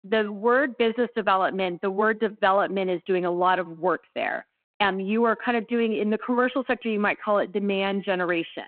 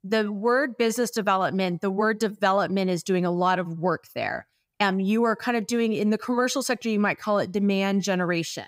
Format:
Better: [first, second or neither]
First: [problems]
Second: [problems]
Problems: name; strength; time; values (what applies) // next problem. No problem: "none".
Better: second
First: phone-call audio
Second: none